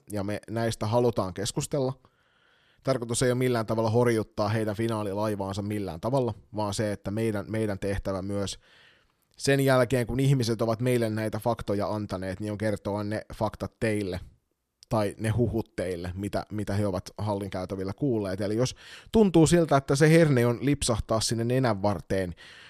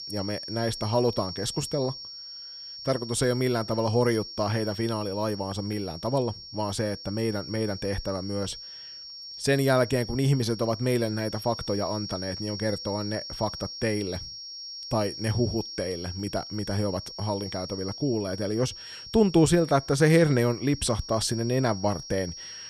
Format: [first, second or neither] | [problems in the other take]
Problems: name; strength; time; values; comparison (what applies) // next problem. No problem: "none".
first | high-pitched whine; loud; throughout; 5.5 kHz, 10 dB below the speech